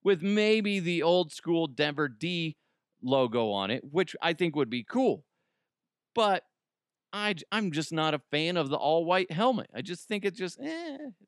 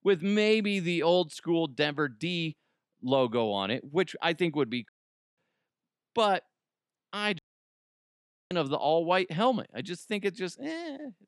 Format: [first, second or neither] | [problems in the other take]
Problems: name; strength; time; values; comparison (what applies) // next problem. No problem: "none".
first | audio cutting out; at 5 s and at 7.5 s for 1 s